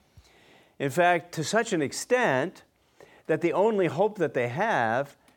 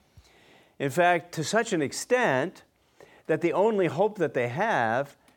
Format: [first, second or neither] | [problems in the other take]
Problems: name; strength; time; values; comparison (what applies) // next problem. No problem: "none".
neither | none